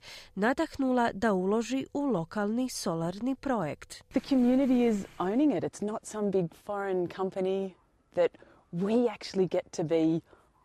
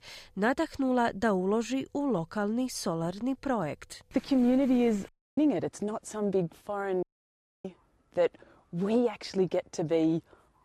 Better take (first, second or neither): first